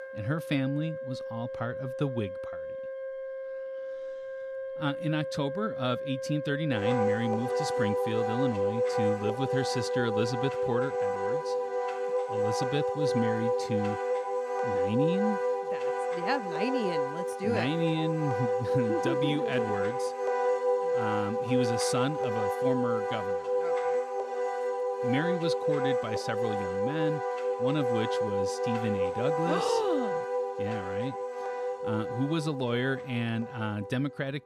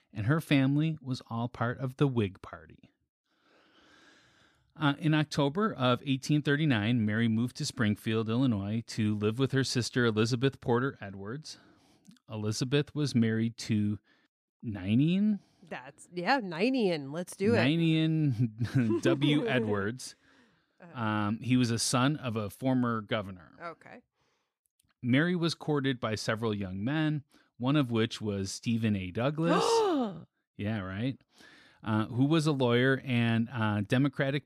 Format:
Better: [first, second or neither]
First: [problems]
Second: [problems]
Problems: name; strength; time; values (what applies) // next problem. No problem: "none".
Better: second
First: background music; very loud; throughout; 2 dB above the speech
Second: none